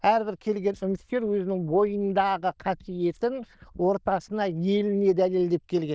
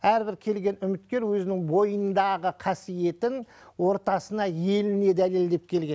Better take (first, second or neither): second